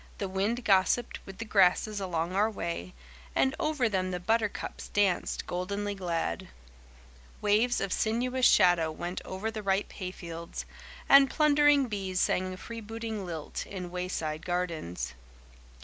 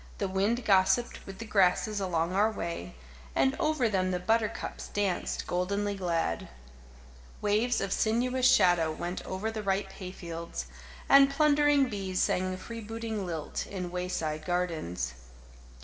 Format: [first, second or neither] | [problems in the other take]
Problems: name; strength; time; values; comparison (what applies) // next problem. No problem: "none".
first | room echo; dies away in 2.3 s